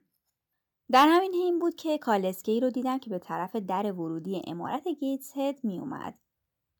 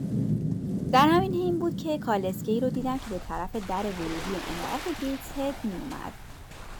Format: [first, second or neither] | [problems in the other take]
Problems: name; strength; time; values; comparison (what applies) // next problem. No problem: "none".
first | rain or running water; loud; throughout; 6 dB below the speech